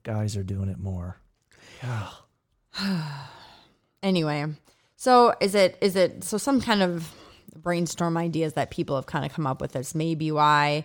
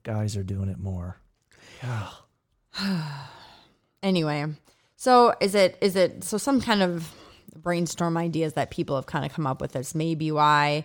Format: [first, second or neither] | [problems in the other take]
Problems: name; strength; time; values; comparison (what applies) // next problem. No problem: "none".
neither | none